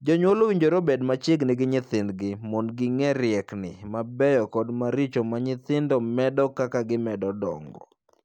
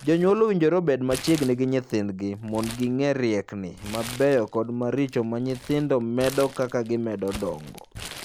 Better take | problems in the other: first | background sound (Crumpling, crinkling); 17 dB below the speech

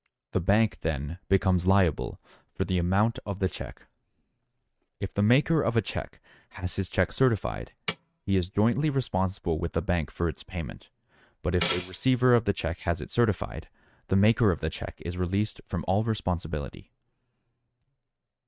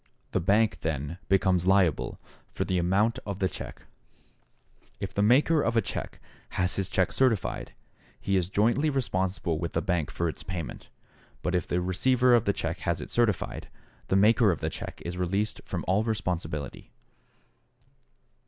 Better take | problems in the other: second | noise reduction (neural mask model RNNoise)

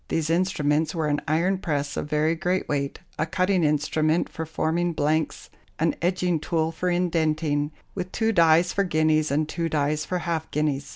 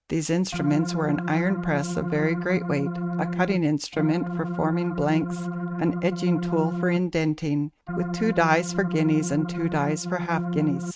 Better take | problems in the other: first | noise reduction (neural mask model RNNoise)

